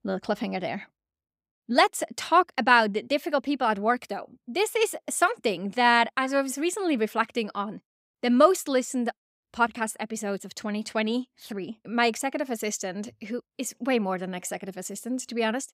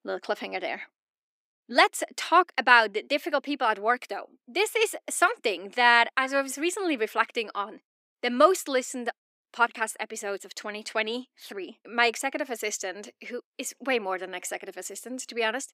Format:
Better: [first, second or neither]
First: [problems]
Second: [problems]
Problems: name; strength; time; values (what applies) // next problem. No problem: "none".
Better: first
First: none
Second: thin; somewhat; fading below 300 Hz